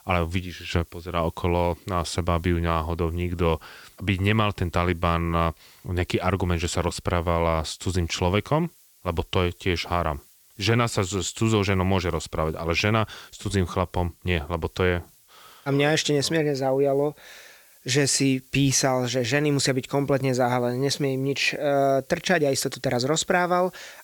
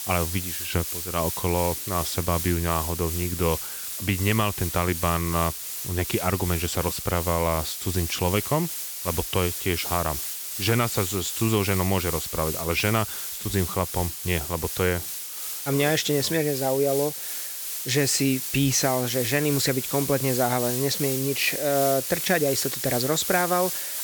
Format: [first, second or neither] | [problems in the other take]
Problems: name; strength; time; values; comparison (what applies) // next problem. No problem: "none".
first | hiss; loud; throughout; 4 dB below the speech; faint in the first